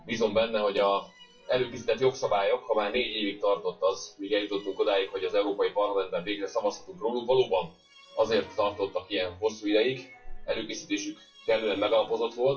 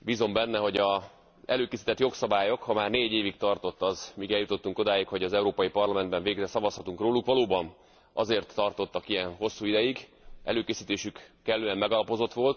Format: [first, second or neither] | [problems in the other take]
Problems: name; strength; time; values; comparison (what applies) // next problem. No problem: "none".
second | noise reduction (classical method WPE with log-MMSE)